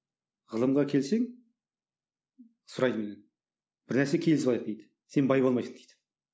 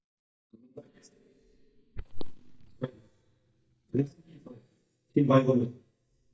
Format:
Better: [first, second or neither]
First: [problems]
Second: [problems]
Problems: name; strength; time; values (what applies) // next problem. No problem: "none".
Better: first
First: none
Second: noise reduction (neural mask model DeepFilterNet 3)